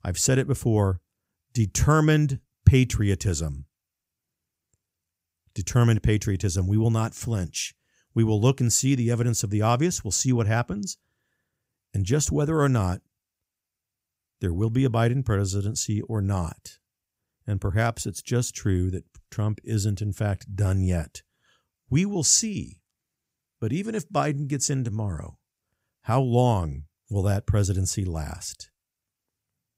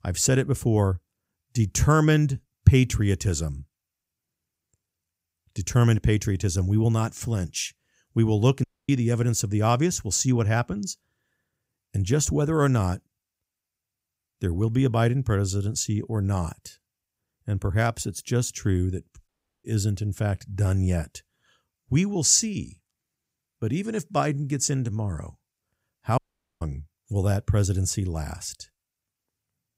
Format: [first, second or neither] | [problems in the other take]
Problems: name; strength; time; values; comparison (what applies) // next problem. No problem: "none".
first | audio cutting out; at 8.5 s, at 19 s and at 26 s